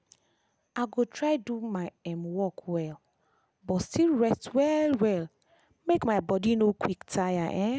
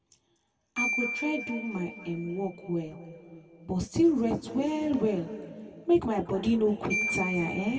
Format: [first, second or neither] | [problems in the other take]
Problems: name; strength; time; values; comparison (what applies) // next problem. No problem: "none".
first | background sound (Marimba, xylophone); 9 dB below the speech // room echo; dies away in 2.2 s